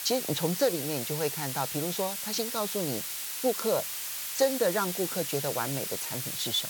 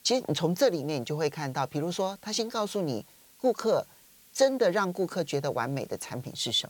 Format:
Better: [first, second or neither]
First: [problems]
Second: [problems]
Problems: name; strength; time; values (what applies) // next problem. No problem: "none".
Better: second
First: hiss; loud; throughout; 2 dB below the speech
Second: hiss; faint; throughout; 25 dB below the speech